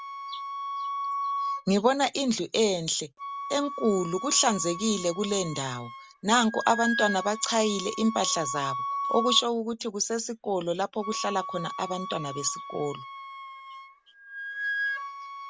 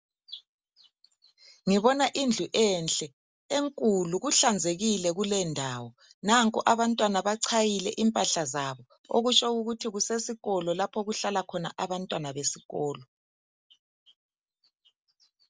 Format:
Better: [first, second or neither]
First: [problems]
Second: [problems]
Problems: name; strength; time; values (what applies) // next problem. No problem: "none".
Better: second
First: background sound (Wind instrument, woodwind instrument); 7 dB below the speech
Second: none